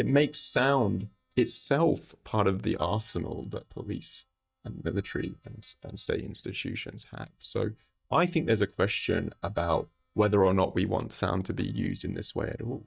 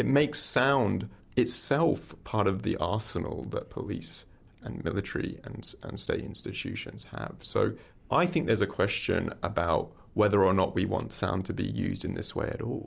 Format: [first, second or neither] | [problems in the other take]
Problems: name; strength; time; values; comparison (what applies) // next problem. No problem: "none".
second | noise reduction (neural mask model DeepFilterNet 3)